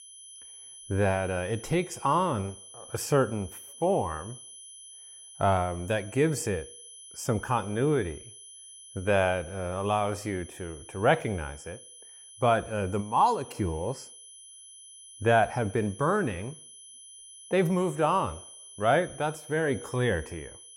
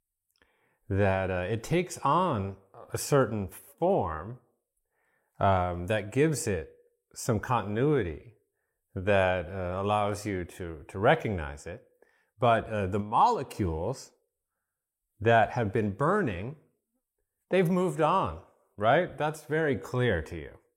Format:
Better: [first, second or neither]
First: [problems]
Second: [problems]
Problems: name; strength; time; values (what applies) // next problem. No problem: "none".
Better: second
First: high-pitched whine; noticeable; throughout; 10 kHz, 15 dB below the speech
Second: none